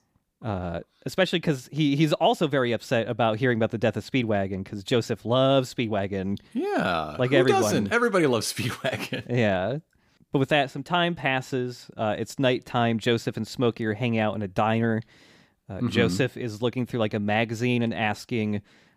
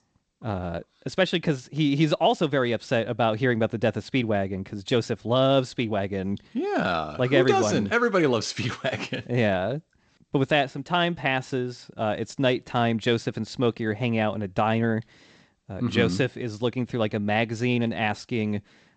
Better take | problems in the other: first | garbled, watery; slightly; nothing above 7.5 kHz

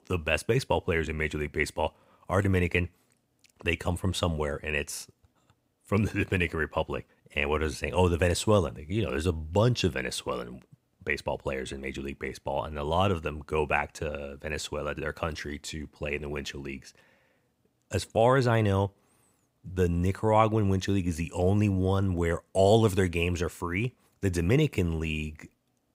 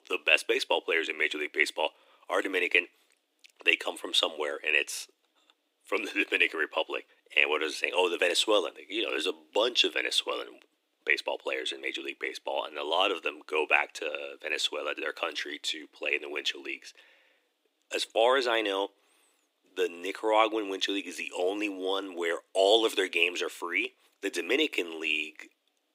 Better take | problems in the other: first | thin; very; fading below 300 Hz

